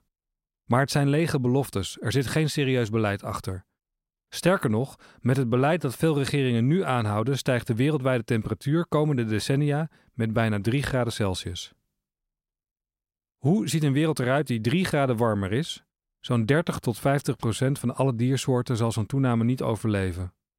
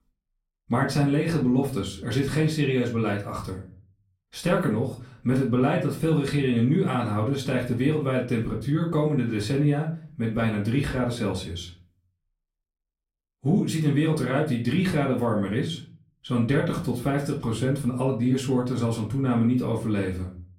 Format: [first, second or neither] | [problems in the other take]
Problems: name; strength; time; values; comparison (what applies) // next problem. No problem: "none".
first | room echo; slight; dies away in 0.4 s // off-mic speech; far